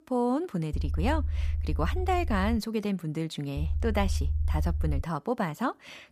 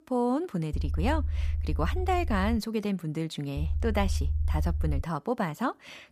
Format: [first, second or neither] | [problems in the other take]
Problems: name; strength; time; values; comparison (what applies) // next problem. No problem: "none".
neither | low rumble; noticeable; from 0.5 to 2.5 s and from 3.5 to 5 s; 20 dB below the speech; the same in both